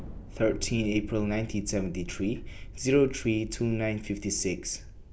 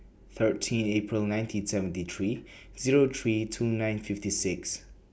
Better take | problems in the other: second | background sound (Thunder); 11 dB below the speech

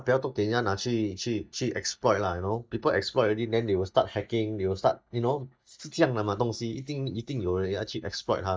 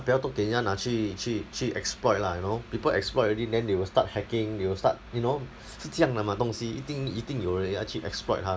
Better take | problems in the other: second | noise reduction (neural mask model DeepFilterNet 3)

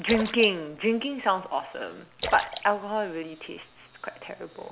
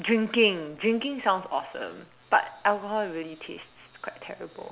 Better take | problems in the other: second | background sound (Splash, splatter); 12 dB below the speech

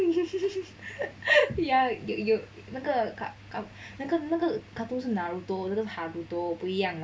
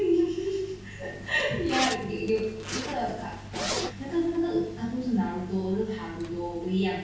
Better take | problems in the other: first | background sound (Zipper (clothing)); 10 dB below the speech // room echo; dies away in 0.6 s

